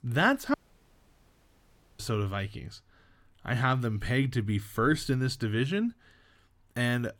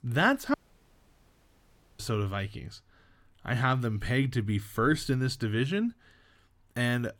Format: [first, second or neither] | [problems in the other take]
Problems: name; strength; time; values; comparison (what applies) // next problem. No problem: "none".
neither | audio cutting out; at 0.5 s for 1.5 s; the same in both